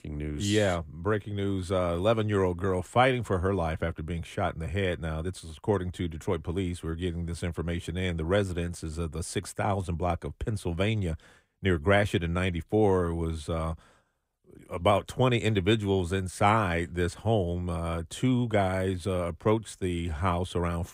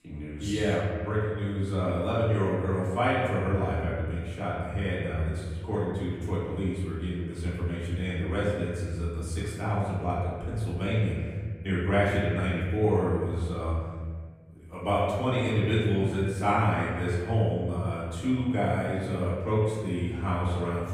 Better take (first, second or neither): first